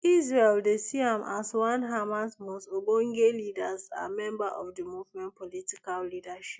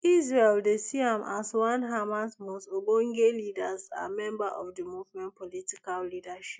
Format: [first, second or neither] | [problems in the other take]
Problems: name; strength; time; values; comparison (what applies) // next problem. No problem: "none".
first | noise reduction (neural mask model Resemble Enhance denoiser)